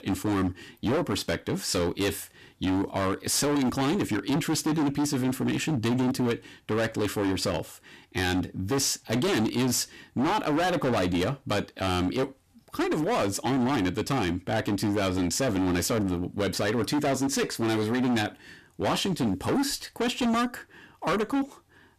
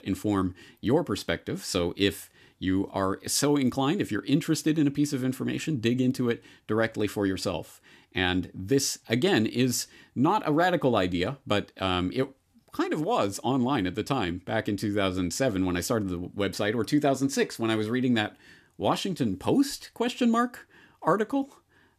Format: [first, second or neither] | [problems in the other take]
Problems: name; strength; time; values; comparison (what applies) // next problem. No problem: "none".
second | distortion; heavy; 23% of the sound clipped